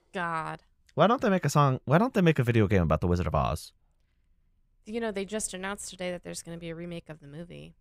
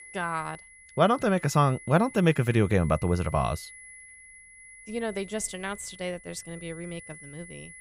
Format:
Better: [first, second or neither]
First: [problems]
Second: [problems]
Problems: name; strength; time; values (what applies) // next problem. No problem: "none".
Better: first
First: none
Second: high-pitched whine; noticeable; throughout; 2 kHz, 20 dB below the speech